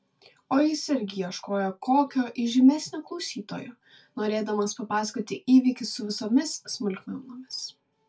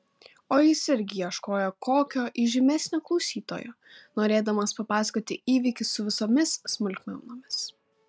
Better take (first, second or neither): second